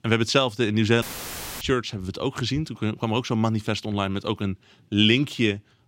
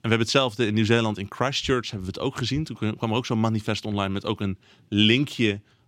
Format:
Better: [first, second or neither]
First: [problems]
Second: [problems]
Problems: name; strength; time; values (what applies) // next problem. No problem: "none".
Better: second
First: audio cutting out; filled with static; at 1 s for 0.5 s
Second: none